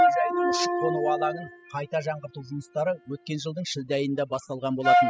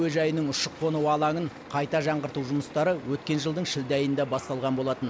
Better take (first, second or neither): second